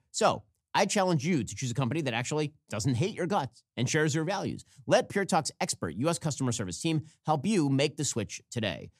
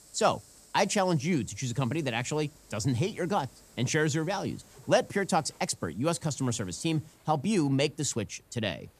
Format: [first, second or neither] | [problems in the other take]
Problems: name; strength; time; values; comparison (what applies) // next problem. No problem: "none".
first | hiss; faint; throughout; 25 dB below the speech